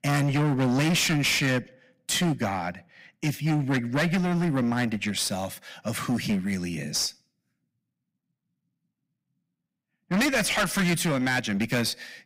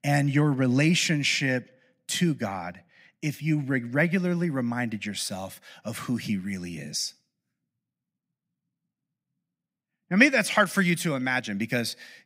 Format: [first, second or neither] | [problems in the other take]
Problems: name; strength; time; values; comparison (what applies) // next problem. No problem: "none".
second | distortion; heavy; 16% of the sound clipped